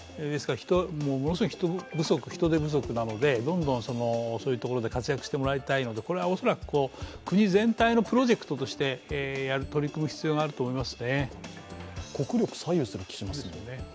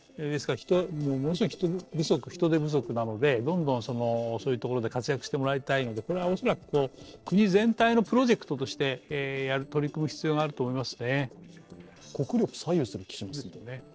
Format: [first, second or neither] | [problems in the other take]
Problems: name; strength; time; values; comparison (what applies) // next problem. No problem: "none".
first | noise reduction (neural separator model SepFormer DNS4)